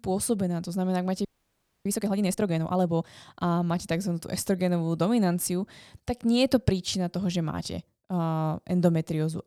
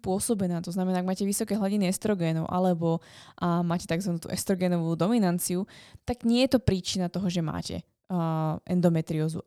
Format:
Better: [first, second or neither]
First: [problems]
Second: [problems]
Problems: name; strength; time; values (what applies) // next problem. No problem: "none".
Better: second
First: audio freezing; at 1.5 s for 0.5 s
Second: none